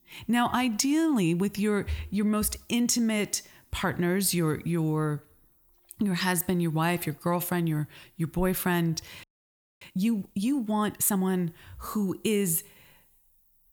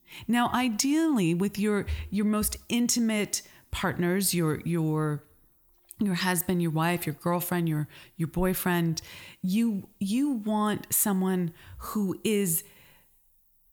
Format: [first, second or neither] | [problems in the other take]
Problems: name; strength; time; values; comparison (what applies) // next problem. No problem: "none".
second | audio freezing; at 9 s for 0.5 s